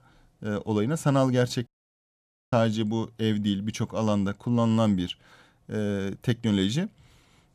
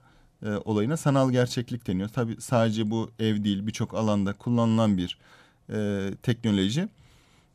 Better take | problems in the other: second | audio cutting out; at 1.5 s for 1 s

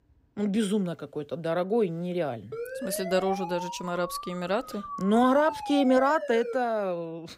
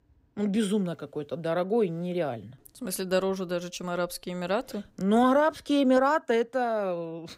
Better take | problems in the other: second | siren; noticeable; from 2.5 to 6.5 s; peak 8 dB below the speech

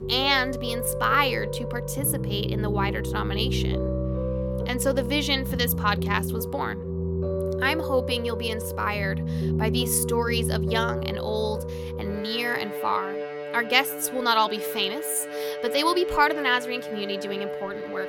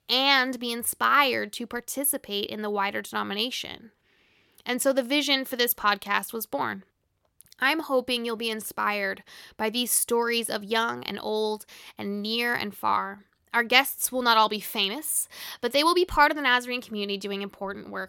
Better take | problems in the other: second | background music; loud; throughout; 4 dB below the speech

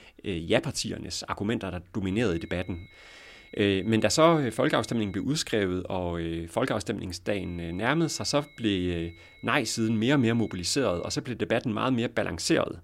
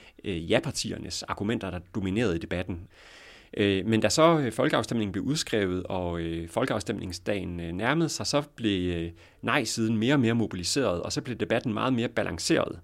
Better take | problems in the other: second | high-pitched whine; faint; from 2 to 5 s and from 7.5 to 11 s; 2 kHz, 25 dB below the speech

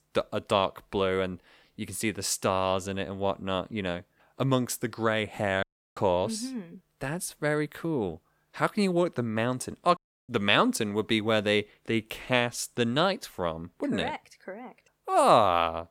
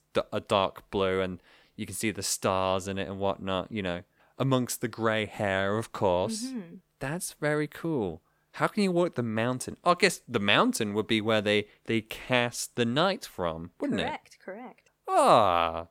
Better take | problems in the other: second | audio cutting out; at 5.5 s and at 10 s

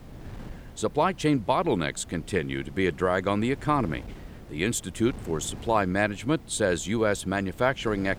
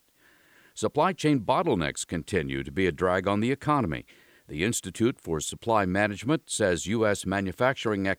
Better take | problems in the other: second | wind noise on the microphone; occasional gusts; 25 dB below the speech

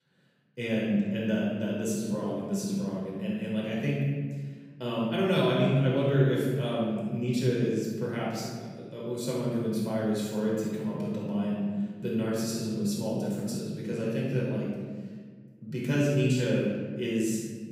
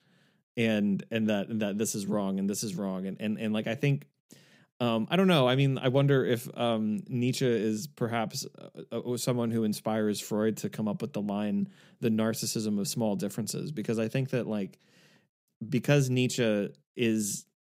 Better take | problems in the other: second | off-mic speech; far // room echo; strong; dies away in 1.6 s

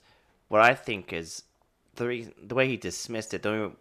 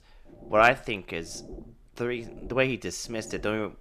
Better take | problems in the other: first | low rumble; faint; throughout; 25 dB below the speech

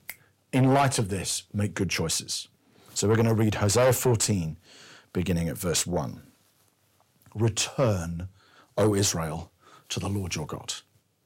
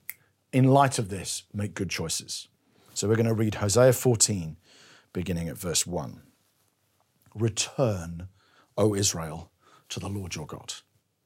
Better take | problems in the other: second | distortion; heavy; 7 dB below the speech

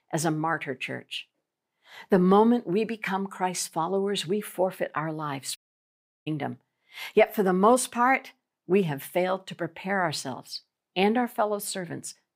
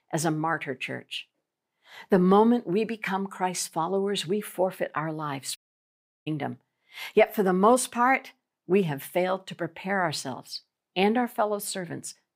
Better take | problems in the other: neither | audio cutting out; at 5.5 s for 0.5 s; the same in both

